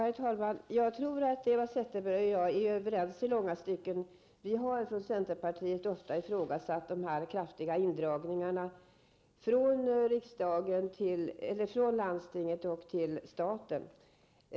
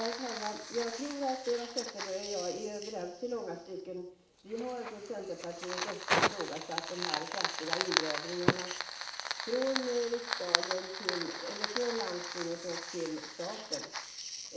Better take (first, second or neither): first